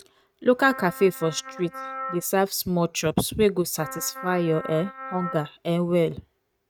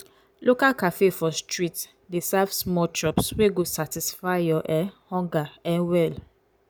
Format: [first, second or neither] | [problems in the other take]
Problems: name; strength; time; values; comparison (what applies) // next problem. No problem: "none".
second | noise reduction (neural mask model RNNoise)